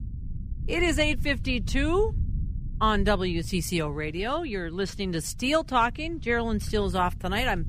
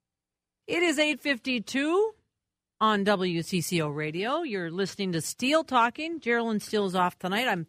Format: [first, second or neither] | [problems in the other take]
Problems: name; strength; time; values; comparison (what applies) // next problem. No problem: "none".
second | low rumble; faint; throughout; 25 dB below the speech